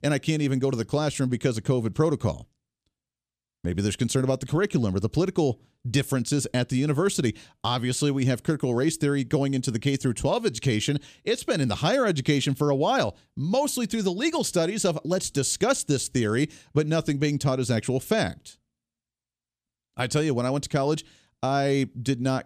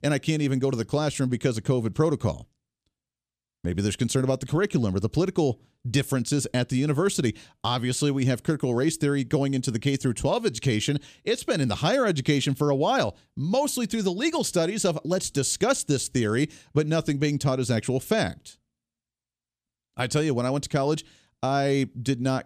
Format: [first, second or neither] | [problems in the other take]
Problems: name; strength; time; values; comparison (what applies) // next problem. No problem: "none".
neither | none